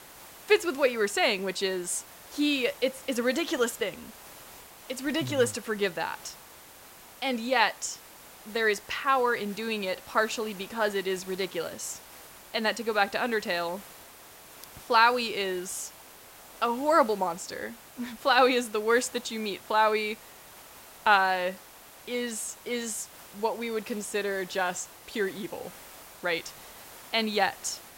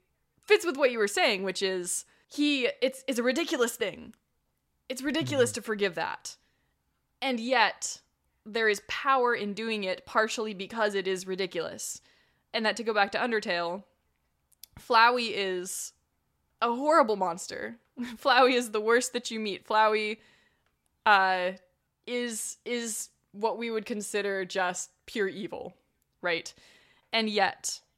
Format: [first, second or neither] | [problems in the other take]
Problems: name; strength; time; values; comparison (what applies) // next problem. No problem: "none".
second | hiss; noticeable; throughout; 20 dB below the speech